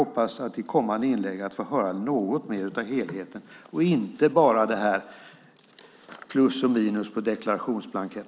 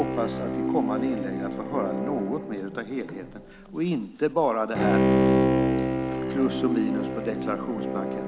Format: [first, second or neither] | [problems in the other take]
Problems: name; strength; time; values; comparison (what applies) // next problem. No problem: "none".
first | background sound (Bowed string instrument); 3 dB above the speech